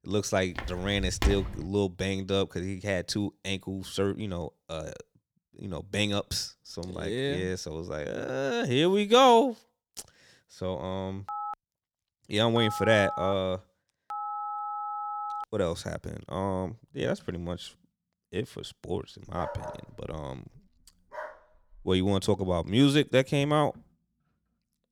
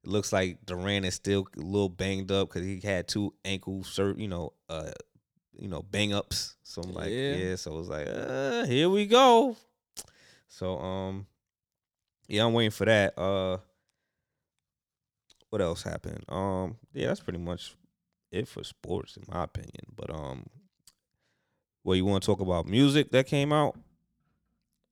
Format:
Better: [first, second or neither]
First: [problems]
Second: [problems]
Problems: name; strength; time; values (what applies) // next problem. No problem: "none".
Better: second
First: footsteps; noticeable; from 0.5 to 1.5 s; peak 2 dB below the speech // phone ringing; noticeable; from 11 to 15 s; peak 5 dB below the speech // dog barking; faint; from 19 to 22 s; peak 10 dB below the speech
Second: none